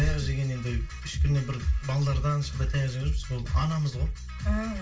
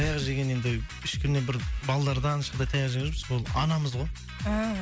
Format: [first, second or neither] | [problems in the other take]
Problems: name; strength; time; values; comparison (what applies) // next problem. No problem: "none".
second | room echo; dies away in 0.2 s